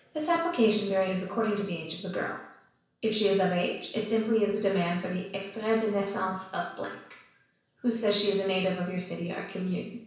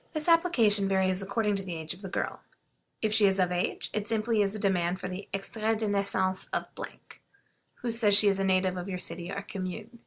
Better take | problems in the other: second | room echo; dies away in 0.7 s

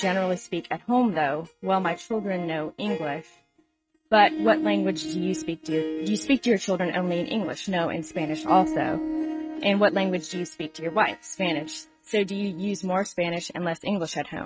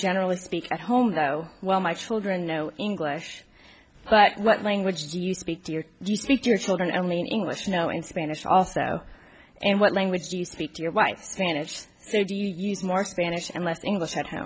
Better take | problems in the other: second | noise reduction (neural mask model RNNoise)

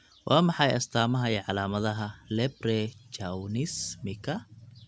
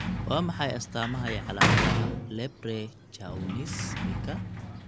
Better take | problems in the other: first | background sound (Sliding door / Slam); 4 dB above the speech

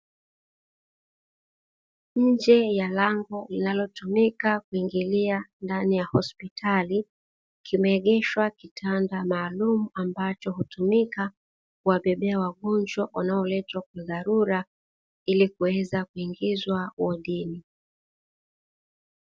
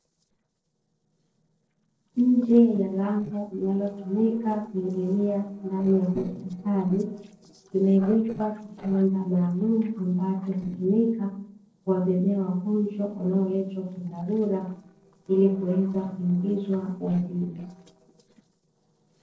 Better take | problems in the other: first | noise reduction (neural separator model SepFormer DNS4)

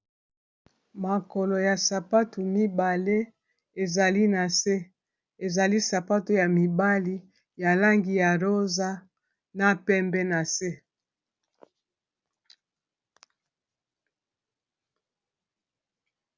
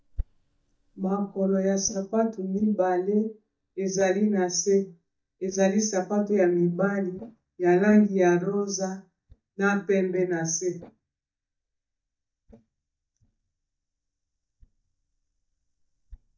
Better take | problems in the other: first | noise reduction (neural mask model DeepFilterNet 3)

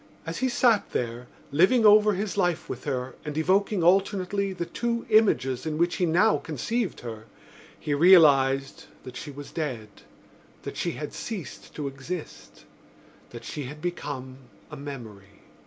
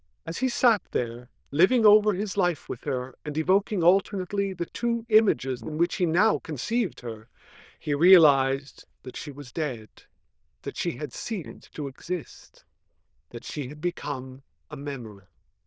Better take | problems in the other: first | noise reduction (neural diffusion model UNIVERSE++)

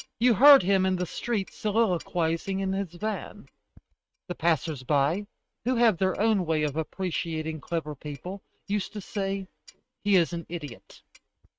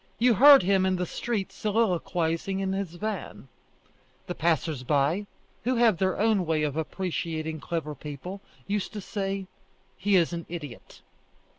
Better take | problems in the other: second | noise reduction (neural mask model RNNoise)

